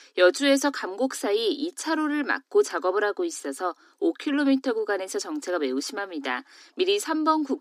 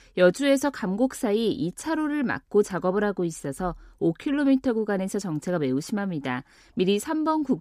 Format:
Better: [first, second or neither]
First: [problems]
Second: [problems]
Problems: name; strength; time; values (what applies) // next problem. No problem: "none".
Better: second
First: thin; very slightly; fading below 250 Hz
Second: none